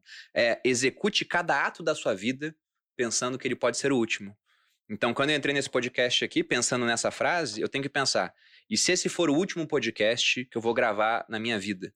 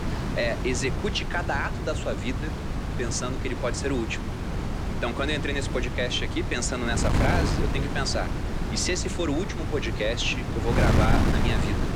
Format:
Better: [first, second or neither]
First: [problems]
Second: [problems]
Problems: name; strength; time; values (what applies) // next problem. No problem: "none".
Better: first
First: none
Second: wind noise on the microphone; heavy; 5 dB below the speech